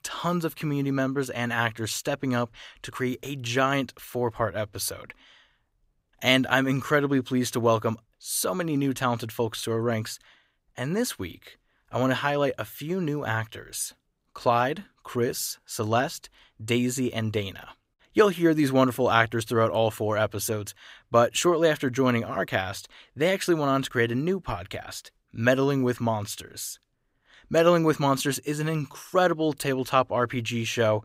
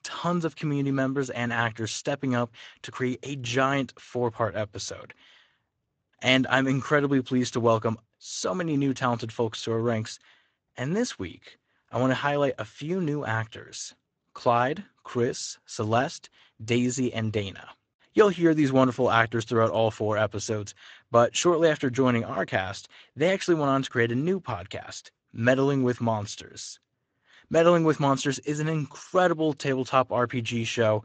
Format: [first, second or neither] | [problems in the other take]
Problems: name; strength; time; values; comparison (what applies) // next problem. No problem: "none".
first | garbled, watery; slightly; nothing above 7.5 kHz